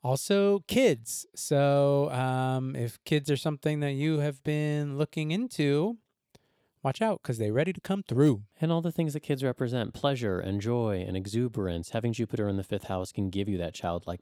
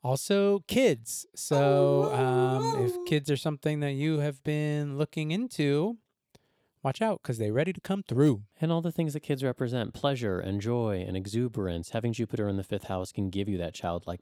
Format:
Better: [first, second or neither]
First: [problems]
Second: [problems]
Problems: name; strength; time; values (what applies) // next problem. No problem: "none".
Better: first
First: none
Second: dog barking; loud; from 1.5 to 3 s; peak 1 dB above the speech